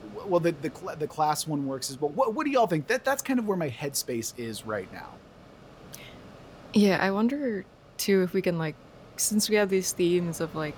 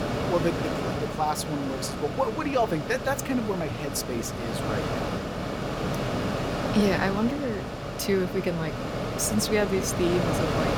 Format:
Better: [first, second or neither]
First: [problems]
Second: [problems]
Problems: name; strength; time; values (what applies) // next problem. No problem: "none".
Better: first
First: machinery noise; faint; throughout; 25 dB below the speech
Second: machinery noise; loud; throughout; 2 dB below the speech